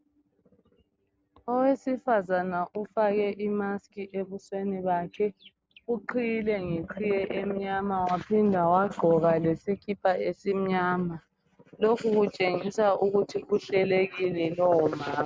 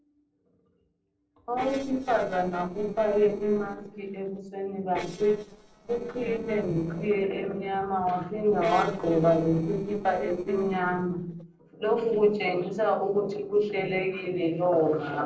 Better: first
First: none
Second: noise reduction (neural separator model SepFormer DNS4)

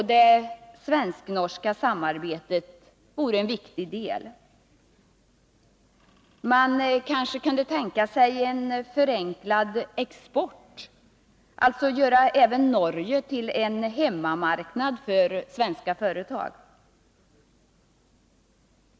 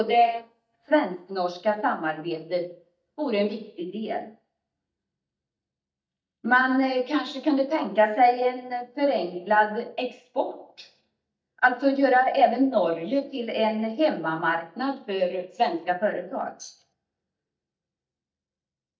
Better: first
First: none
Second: noise reduction (neural mask model DeepFilterNet 3)

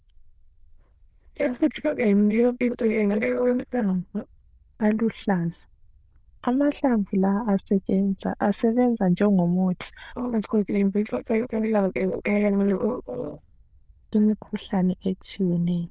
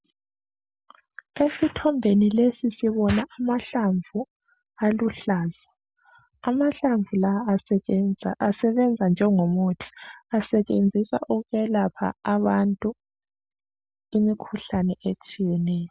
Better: second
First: noise reduction (neural diffusion model UNIVERSE++)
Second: none

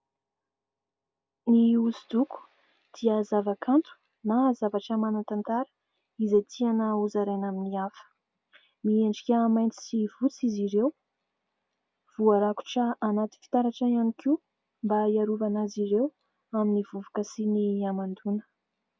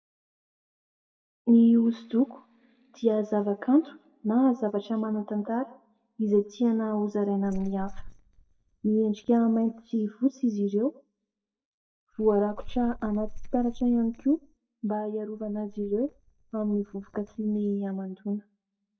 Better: first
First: none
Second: noise reduction (neural mask model DeepFilterNet 3)

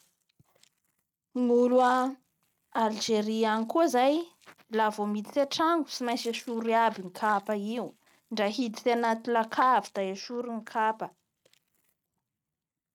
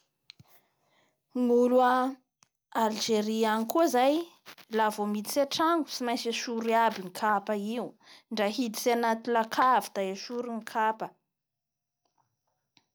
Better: second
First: noise reduction (neural mask model RNNoise)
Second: none

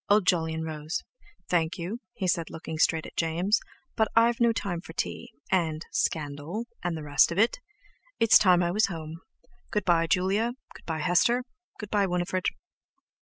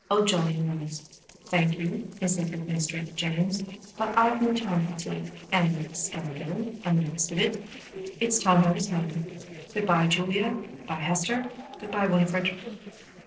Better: first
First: none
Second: noise reduction (neural separator model SepFormer DNS4)

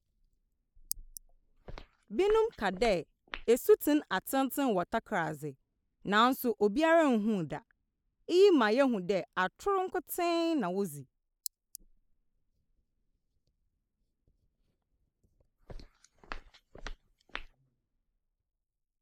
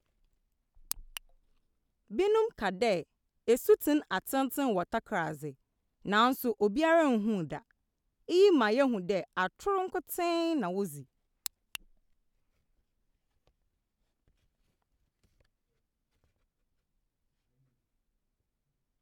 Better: second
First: noise reduction (neural mask model Resemble Enhance denoiser)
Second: none

